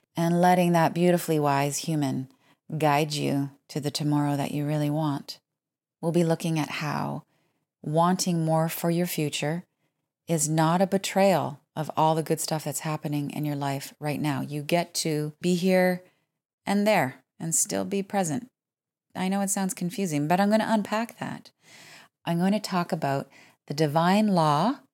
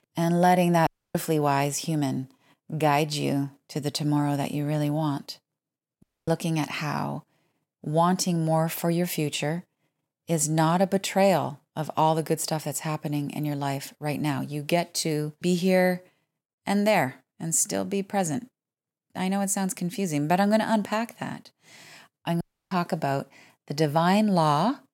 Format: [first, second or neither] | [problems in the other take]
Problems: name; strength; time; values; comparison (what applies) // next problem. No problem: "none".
first | audio cutting out; at 1 s, at 6 s and at 22 s